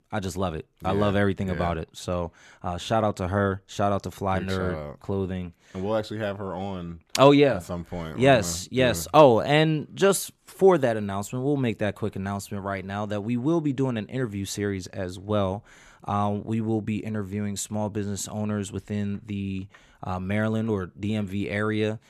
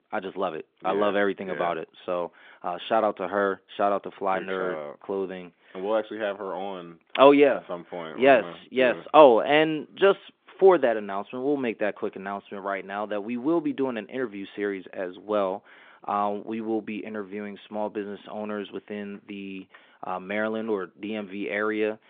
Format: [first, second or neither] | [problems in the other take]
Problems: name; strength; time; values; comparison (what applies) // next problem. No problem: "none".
first | phone-call audio